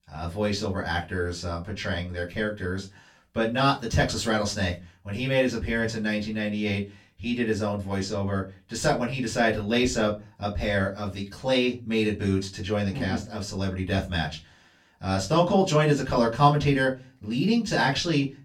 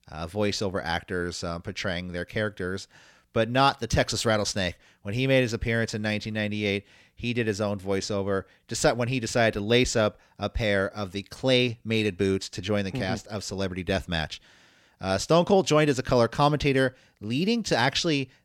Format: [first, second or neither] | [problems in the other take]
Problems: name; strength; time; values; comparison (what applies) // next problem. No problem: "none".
second | off-mic speech; far // room echo; very slight; dies away in 0.2 s